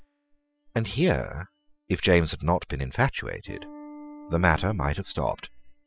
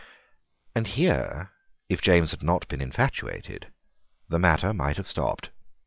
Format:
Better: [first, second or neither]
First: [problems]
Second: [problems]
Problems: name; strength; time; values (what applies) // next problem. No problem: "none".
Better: second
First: noise reduction (classical method spectral subtraction)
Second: none